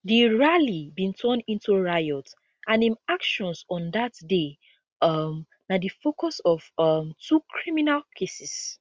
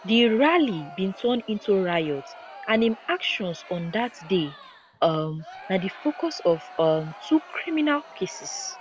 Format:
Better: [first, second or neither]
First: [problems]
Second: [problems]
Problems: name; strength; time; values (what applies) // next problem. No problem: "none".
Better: first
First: none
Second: background sound (Crowd); 19 dB below the speech